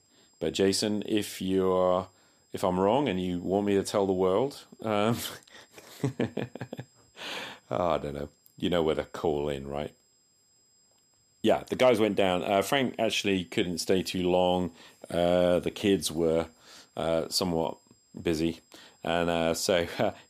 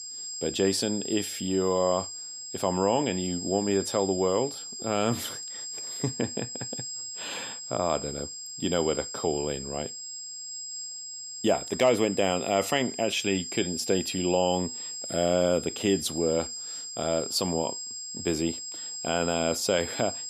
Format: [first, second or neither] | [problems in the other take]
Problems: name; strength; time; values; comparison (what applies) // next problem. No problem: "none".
first | high-pitched whine; loud; throughout; 7.5 kHz, 6 dB below the speech; faint in the first